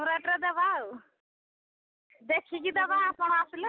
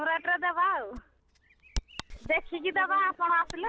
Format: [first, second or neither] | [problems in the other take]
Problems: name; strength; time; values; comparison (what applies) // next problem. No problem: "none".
first | background sound (Bird vocalization, bird call, bird song); 14 dB below the speech